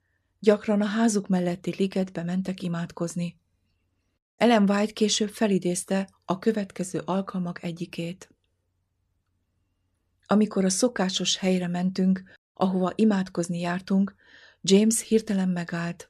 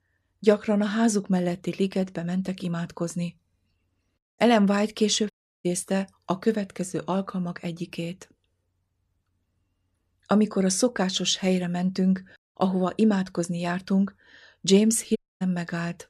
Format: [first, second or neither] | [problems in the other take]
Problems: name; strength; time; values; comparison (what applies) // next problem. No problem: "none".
first | audio cutting out; at 5.5 s and at 15 s